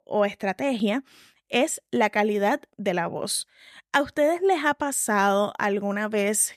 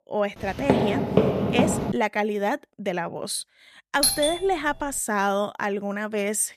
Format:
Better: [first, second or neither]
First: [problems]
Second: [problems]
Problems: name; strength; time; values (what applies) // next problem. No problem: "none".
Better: first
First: none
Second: footsteps; loud; from 0.5 to 2 s; peak 5 dB above the speech // doorbell; loud; at 4 s; peak 5 dB above the speech